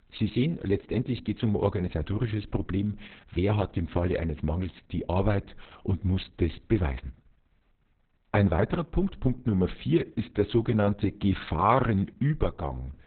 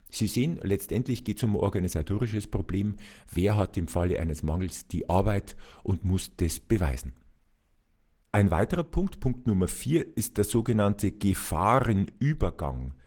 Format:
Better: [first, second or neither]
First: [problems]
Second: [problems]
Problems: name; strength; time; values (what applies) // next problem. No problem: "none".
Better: second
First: garbled, watery; badly; nothing above 4 kHz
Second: garbled, watery; slightly; nothing above 18 kHz